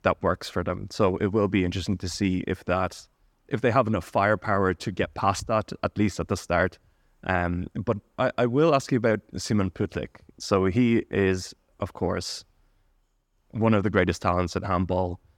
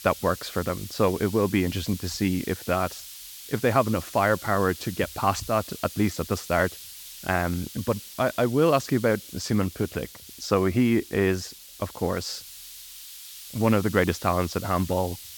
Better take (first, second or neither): first